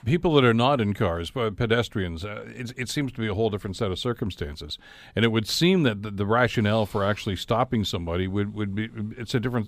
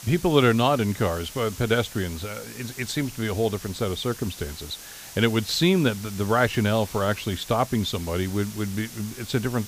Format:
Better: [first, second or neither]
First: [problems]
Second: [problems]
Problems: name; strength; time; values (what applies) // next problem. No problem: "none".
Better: first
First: none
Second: hiss; noticeable; throughout; 15 dB below the speech